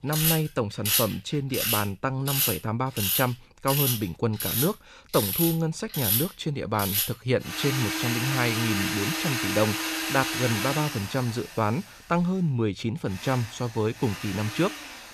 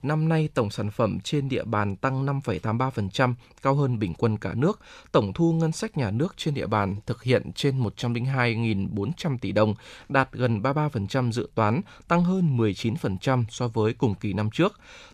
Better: second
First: machinery noise; very loud; throughout; as loud as the speech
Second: none

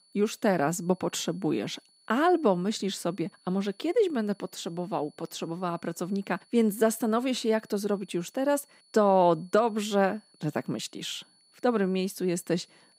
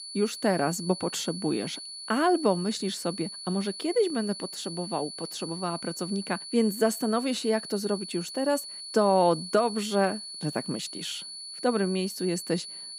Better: first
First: high-pitched whine; faint; throughout; 4.5 kHz, 30 dB below the speech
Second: high-pitched whine; loud; throughout; 4.5 kHz, 9 dB below the speech

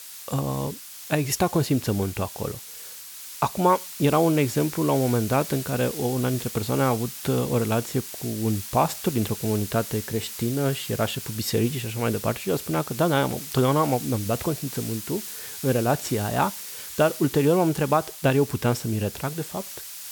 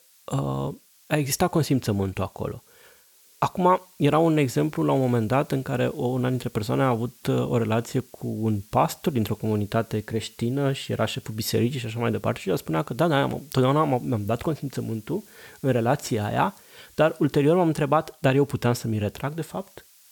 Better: second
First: hiss; loud; throughout; 10 dB below the speech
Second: hiss; faint; throughout; 25 dB below the speech

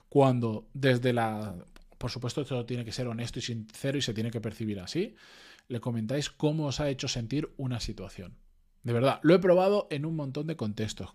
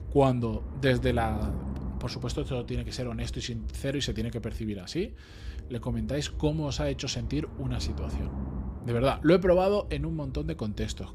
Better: first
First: none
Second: low rumble; noticeable; throughout; 20 dB below the speech

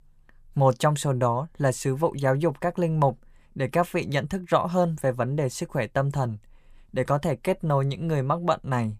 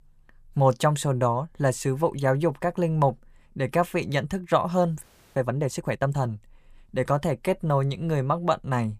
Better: first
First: none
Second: audio freezing; at 5 s

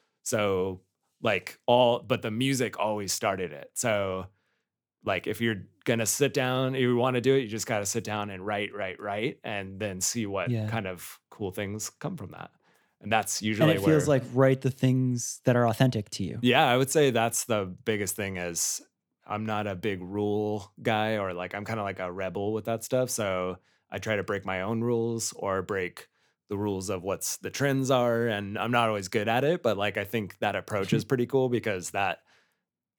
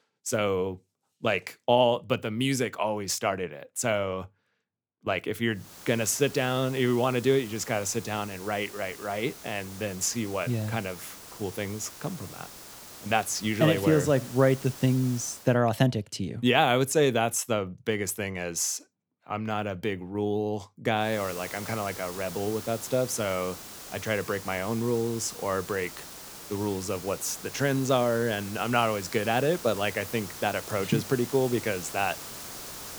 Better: first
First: none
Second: hiss; noticeable; from 5.5 to 15 s and from 21 s on; 15 dB below the speech

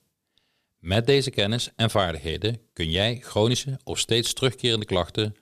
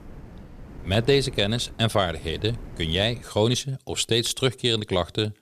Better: first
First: none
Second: wind noise on the microphone; occasional gusts; until 3.5 s; 25 dB below the speech

